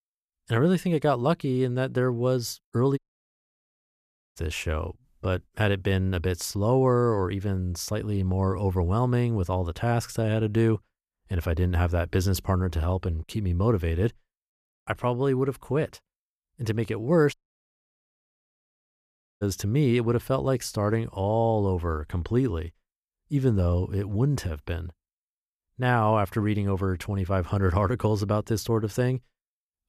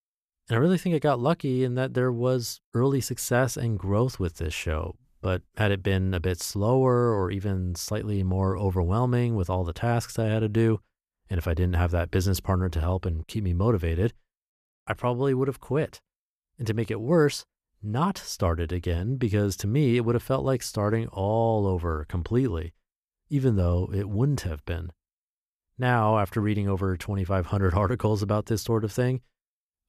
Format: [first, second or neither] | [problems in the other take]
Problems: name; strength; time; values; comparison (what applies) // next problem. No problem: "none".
second | audio cutting out; at 3 s for 1.5 s and at 17 s for 2 s